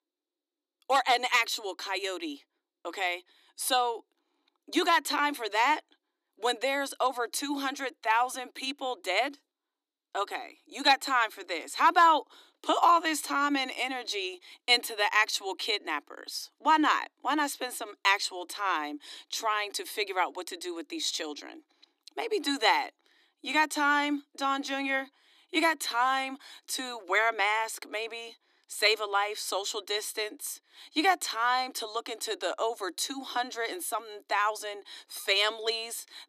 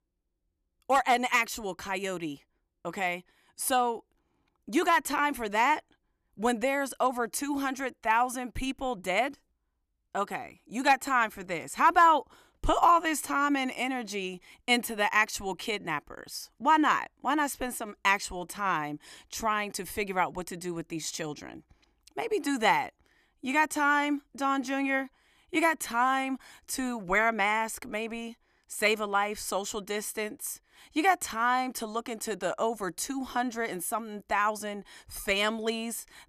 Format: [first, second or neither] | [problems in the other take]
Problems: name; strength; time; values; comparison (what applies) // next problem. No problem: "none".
second | thin; very slightly; fading below 300 Hz